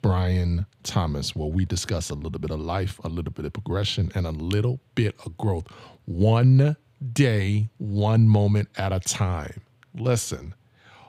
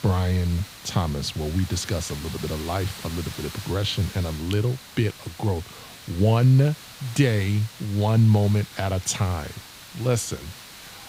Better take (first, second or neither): first